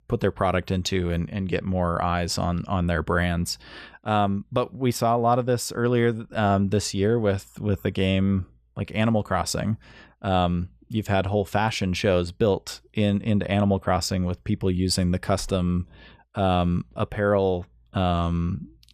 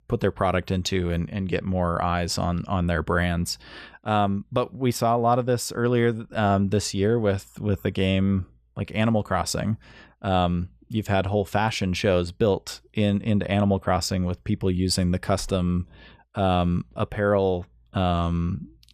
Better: neither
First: none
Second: none

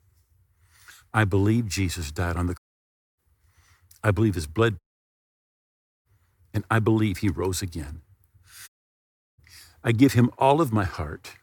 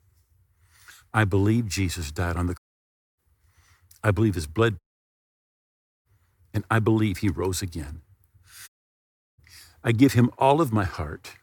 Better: neither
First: audio cutting out; at 2.5 s for 0.5 s, at 5 s for 1.5 s and at 8.5 s for 0.5 s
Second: audio cutting out; at 2.5 s for 0.5 s, at 5 s for 1.5 s and at 8.5 s for 0.5 s

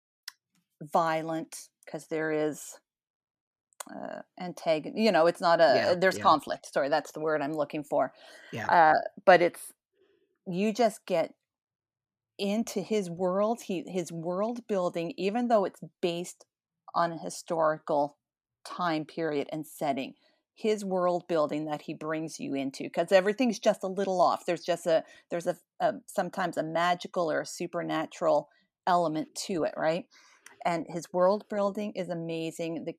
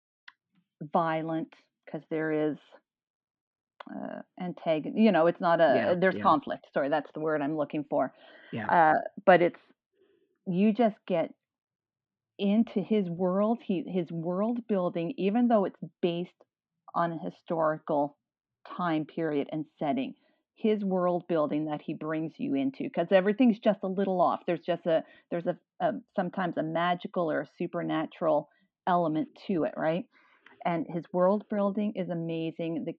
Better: first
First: none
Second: muffled; very; fading above 3.5 kHz

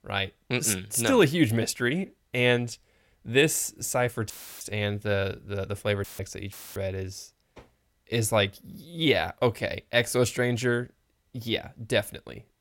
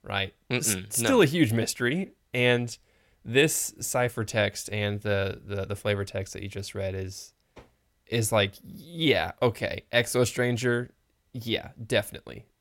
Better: second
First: audio cutting out; filled with static; at 4.5 s, at 6 s and at 6.5 s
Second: none

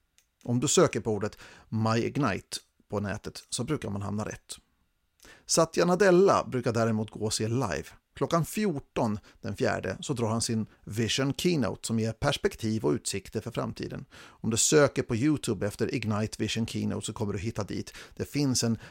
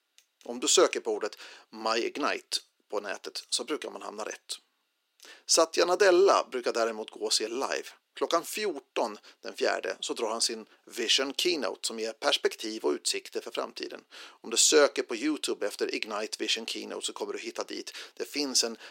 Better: first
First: none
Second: thin; somewhat; fading below 300 Hz

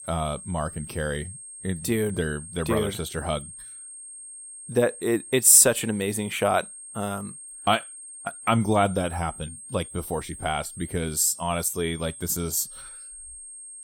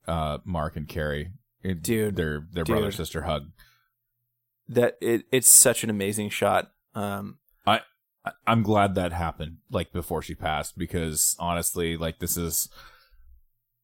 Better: second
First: high-pitched whine; noticeable; throughout; 8.5 kHz, 15 dB below the speech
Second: none

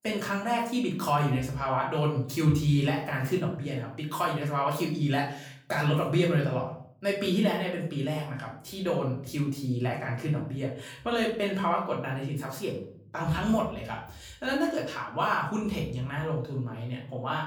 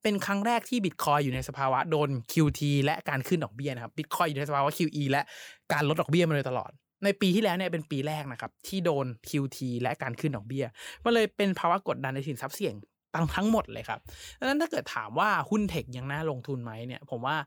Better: second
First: off-mic speech; far // room echo; slight; dies away in 0.5 s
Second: none

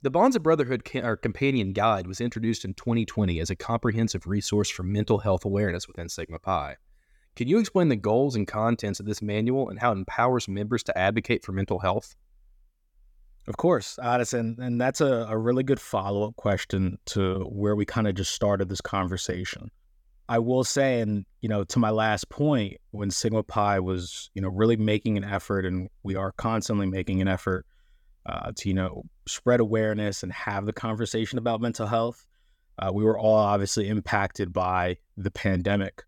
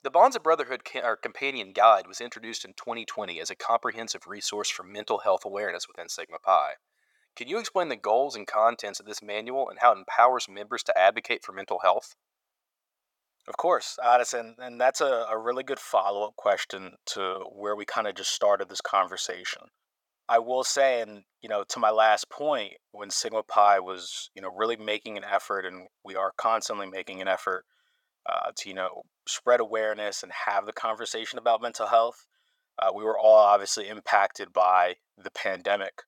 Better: first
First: none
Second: thin; very; fading below 700 Hz

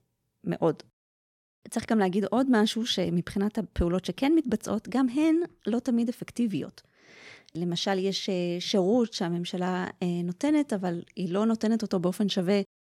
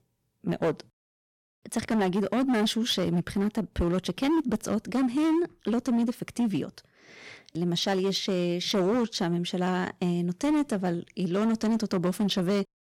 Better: first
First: none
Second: distortion; slight; 13% of the sound clipped

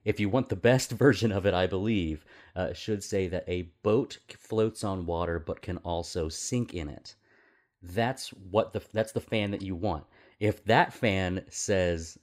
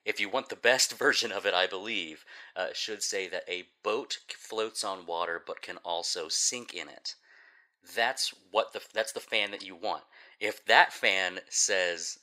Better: first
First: none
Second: thin; very; fading below 750 Hz

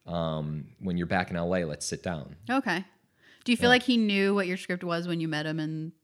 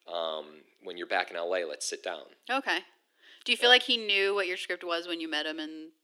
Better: first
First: none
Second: thin; very; fading below 300 Hz

